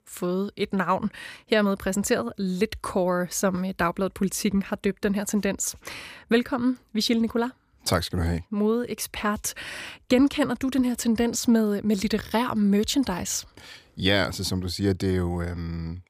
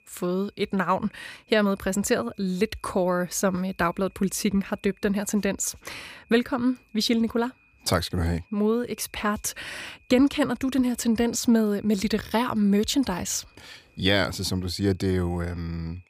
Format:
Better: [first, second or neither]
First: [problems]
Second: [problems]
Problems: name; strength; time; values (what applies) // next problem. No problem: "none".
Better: first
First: none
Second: high-pitched whine; faint; throughout; 2.5 kHz, 35 dB below the speech